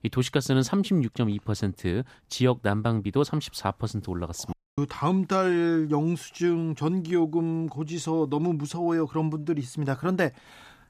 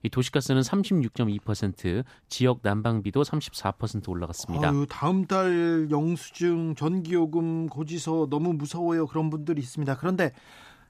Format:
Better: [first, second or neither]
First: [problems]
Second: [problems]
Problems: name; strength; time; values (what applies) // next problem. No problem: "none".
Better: second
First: audio cutting out; at 4.5 s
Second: none